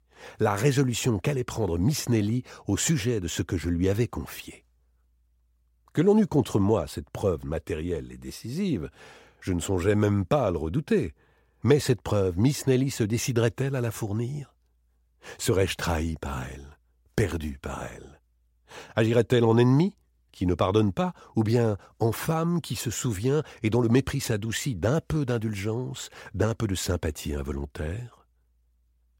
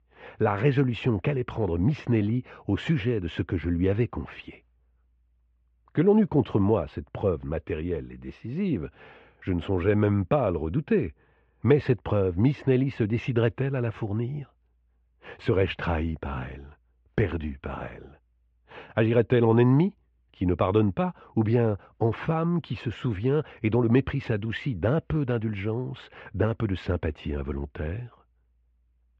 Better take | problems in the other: first | muffled; very; fading above 2.5 kHz

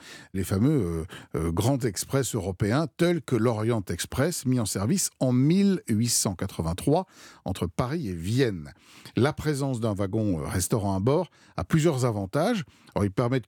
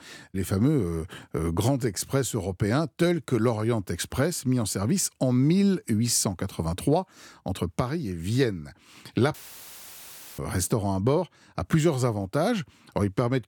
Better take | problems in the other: first | audio cutting out; filled with static; at 9.5 s for 1 s

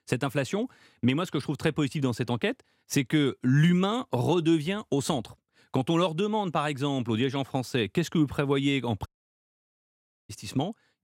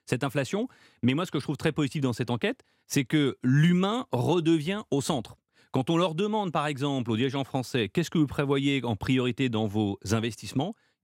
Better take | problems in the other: second | audio cutting out; at 9 s for 1 s

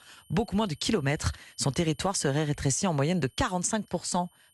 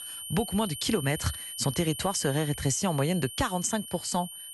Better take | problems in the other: first | high-pitched whine; loud; throughout; 9 kHz, 8 dB below the speech; faint in the first

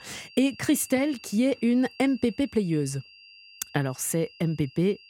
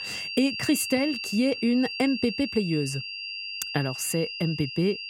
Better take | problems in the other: first | high-pitched whine; loud; throughout; 4.5 kHz, 6 dB below the speech; faint in the first

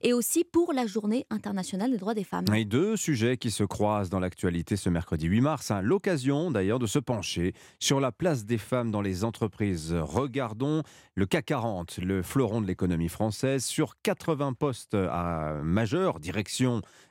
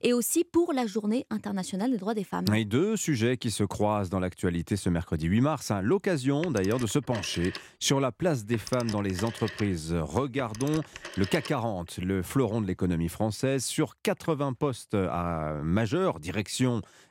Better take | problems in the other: first | phone ringing; noticeable; from 6.5 to 12 s; peak 10 dB below the speech

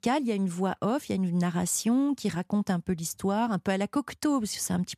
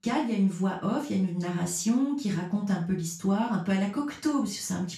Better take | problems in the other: first | room echo; noticeable; dies away in 0.3 s // off-mic speech; far

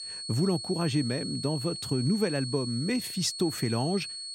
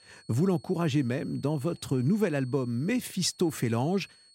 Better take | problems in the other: second | high-pitched whine; loud; throughout; 4.5 kHz, 6 dB below the speech; faint in the second

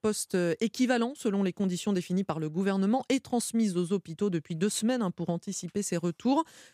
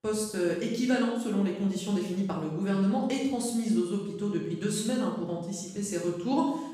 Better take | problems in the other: first | room echo; noticeable; dies away in 0.8 s // off-mic speech; far

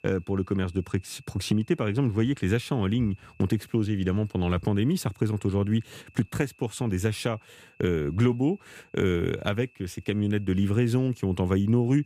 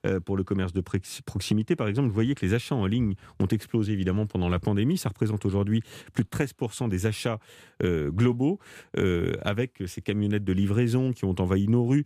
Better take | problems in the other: second | high-pitched whine; faint; throughout; 2.5 kHz, 30 dB below the speech

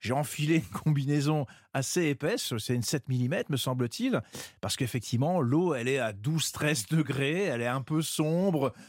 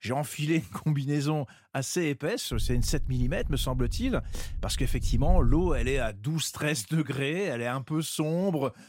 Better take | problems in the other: first | low rumble; faint; from 2.5 to 6 s; 20 dB below the speech

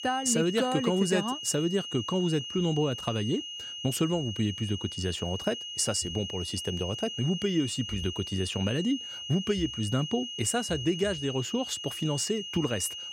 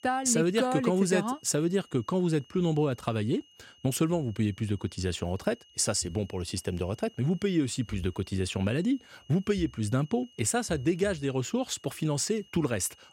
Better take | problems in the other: second | high-pitched whine; loud; throughout; 3 kHz, 7 dB below the speech; faint in the second

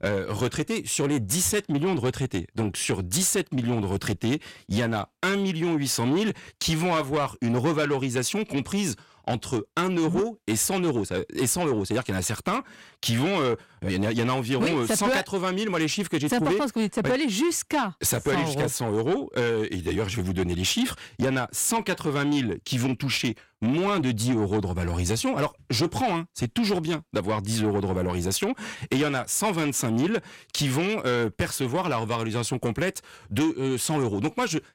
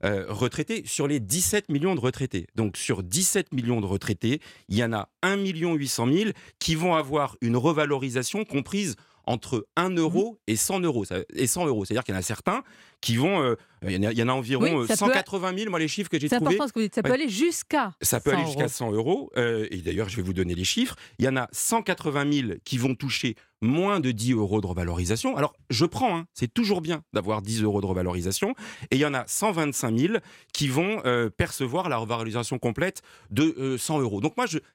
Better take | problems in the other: second | distortion; slight; 10 dB below the speech

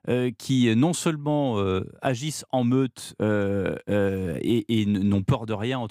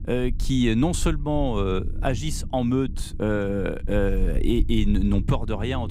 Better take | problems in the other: first | low rumble; noticeable; throughout; 20 dB below the speech

